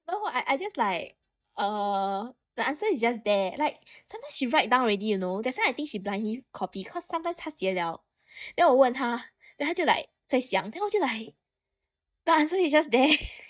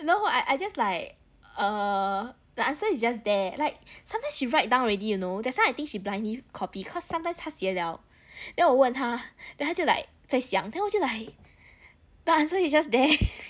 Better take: second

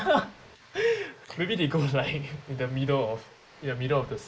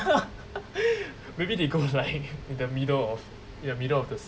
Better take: second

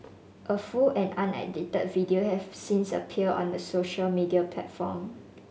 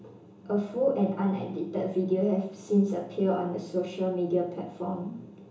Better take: first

